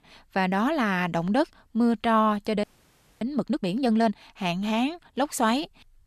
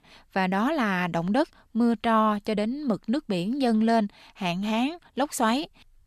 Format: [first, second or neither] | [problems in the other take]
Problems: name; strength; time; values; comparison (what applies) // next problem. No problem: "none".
second | audio freezing; at 2.5 s for 0.5 s